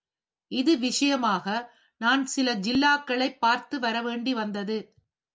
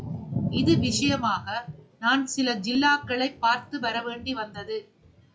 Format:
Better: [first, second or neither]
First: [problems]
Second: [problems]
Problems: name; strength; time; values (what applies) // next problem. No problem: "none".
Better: first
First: none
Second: noise reduction (classical method log-MMSE)